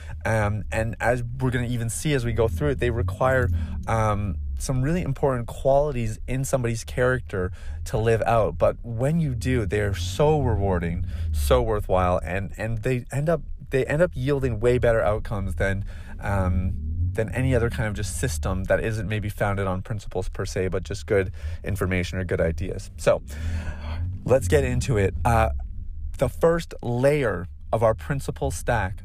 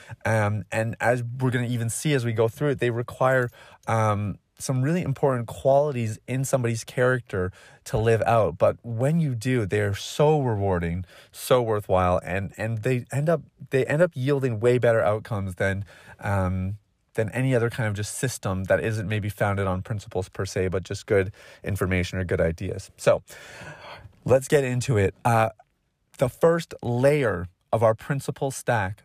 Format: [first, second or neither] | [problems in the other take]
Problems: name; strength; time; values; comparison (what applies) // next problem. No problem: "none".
second | low rumble; faint; throughout; 25 dB below the speech